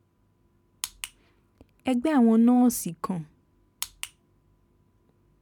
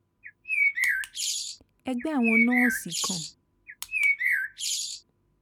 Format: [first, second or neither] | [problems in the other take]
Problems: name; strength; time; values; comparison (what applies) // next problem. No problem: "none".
first | background sound (Bird); 4 dB above the speech